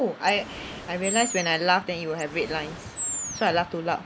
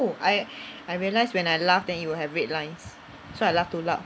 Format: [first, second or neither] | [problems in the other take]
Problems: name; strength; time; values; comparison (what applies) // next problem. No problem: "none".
second | background sound (Animal); 8 dB below the speech